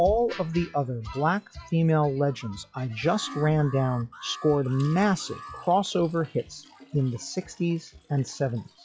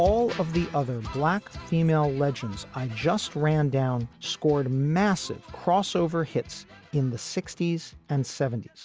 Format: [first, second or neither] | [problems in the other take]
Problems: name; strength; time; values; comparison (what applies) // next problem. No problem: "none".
second | noise reduction (classical method log-MMSE)